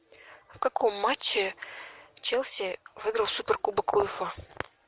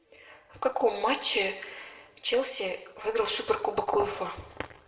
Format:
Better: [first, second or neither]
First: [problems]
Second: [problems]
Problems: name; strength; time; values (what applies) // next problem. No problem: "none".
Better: first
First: none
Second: room echo; dies away in 0.9 s